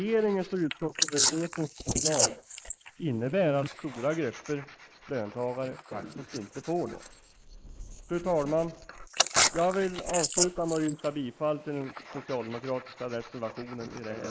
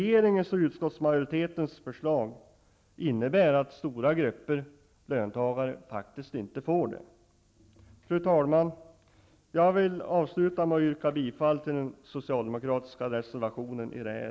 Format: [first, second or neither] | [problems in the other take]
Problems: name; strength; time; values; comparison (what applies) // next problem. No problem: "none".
second | noise reduction (neural mask model Resemble Enhance denoiser)